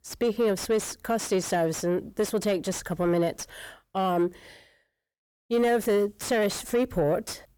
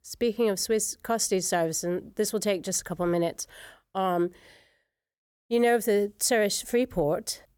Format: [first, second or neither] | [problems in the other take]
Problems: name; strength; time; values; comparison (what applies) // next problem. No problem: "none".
second | distortion; slight; 10 dB below the speech